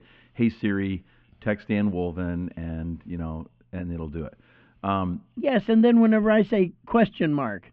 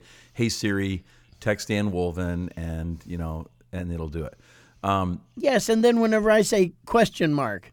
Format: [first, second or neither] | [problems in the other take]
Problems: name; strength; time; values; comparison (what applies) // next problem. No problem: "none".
second | muffled; very; fading above 3 kHz